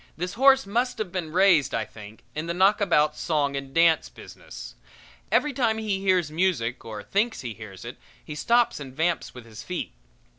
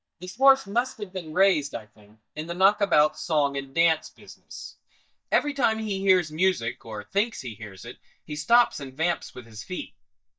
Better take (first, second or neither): first